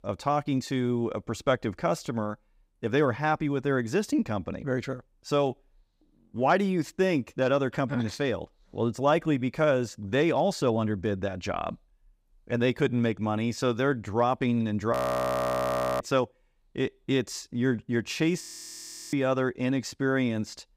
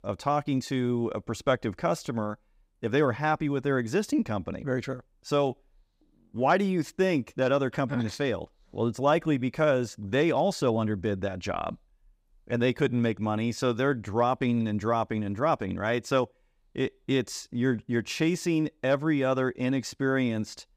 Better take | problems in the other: second | audio freezing; at 15 s for 1 s and at 18 s for 0.5 s

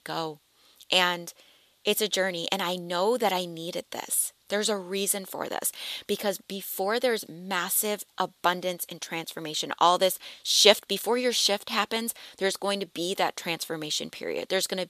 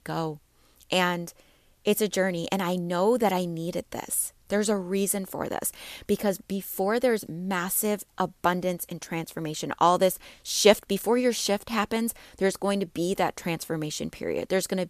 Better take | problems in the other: second | thin; very slightly; fading below 500 Hz

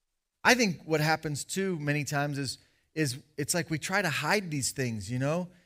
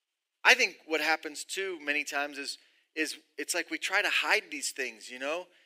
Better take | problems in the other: first | thin; very; fading below 300 Hz

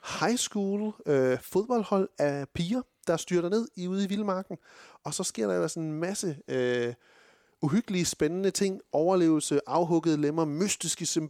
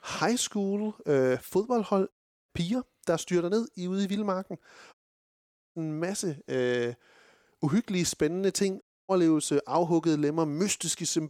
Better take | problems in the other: first | audio cutting out; at 2 s, at 5 s for 1 s and at 9 s

